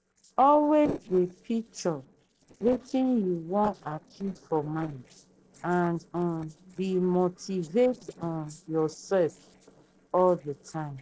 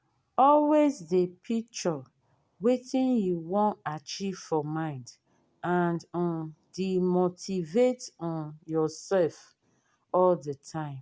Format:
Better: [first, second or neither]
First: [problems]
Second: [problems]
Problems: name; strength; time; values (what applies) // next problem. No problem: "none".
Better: second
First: noise reduction (neural separator model SepFormer DNS4)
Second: none